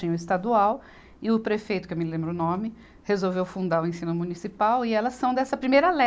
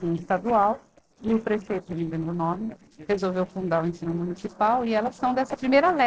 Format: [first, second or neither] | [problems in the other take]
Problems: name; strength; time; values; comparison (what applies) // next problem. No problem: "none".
first | noise reduction (neural separator model SepFormer DNS4)